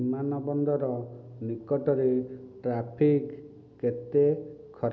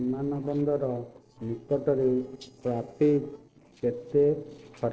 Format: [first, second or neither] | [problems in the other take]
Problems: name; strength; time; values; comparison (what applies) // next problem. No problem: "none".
first | noise reduction (neural separator model SepFormer DNS4)